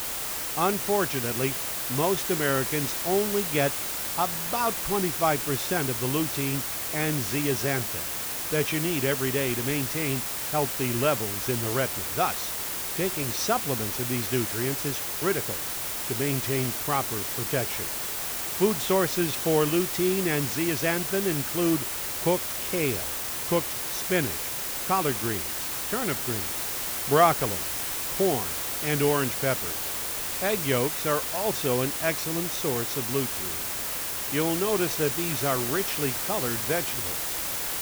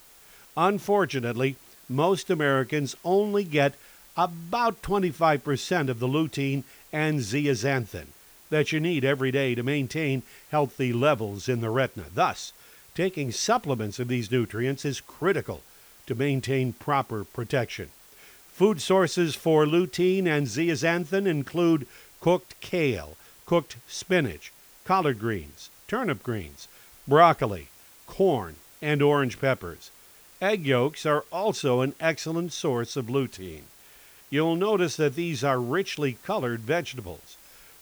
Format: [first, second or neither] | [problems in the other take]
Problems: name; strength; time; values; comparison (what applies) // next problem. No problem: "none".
second | hiss; loud; throughout; as loud as the speech; faint in the second